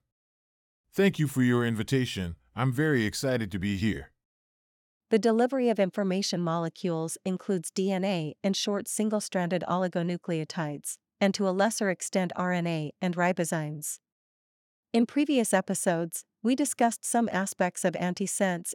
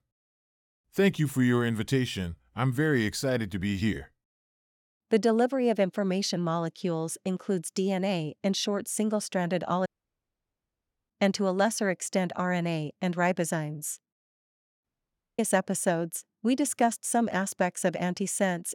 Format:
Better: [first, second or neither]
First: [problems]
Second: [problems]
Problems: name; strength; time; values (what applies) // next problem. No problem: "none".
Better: first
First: none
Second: audio cutting out; at 10 s for 1 s and at 15 s for 0.5 s